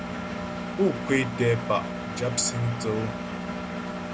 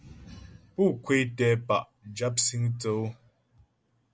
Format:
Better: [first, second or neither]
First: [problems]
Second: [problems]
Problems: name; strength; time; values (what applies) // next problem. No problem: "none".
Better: second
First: background sound (Engine); 4 dB below the speech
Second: none